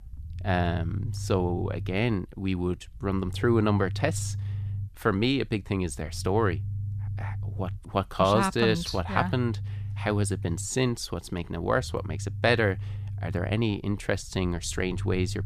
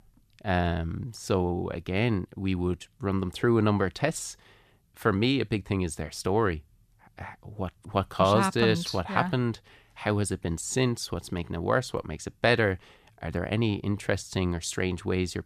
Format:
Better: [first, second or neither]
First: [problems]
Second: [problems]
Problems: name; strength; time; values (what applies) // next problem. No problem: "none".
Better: second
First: low rumble; faint; throughout; 20 dB below the speech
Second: none